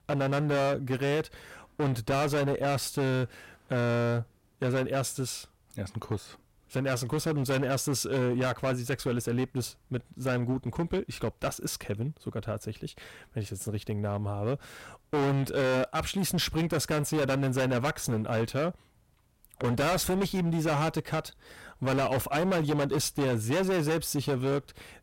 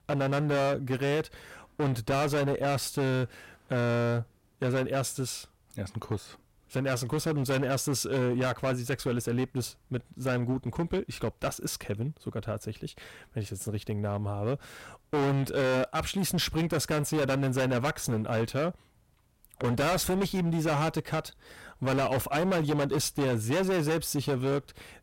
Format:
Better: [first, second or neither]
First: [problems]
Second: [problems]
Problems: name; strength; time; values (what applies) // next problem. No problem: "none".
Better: neither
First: distortion; heavy; 17% of the sound clipped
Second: distortion; heavy; 17% of the sound clipped